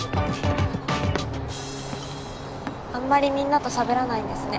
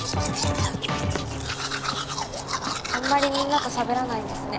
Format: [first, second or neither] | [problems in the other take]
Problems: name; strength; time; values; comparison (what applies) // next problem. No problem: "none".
first | background sound (Domestic sounds, home sounds); 5 dB below the speech